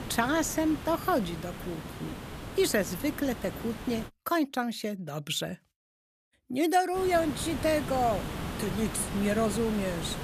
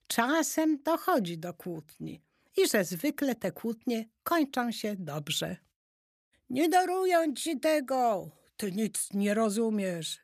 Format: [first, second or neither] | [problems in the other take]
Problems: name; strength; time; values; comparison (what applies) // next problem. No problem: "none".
second | hiss; loud; until 4 s and from 7 s on; 9 dB below the speech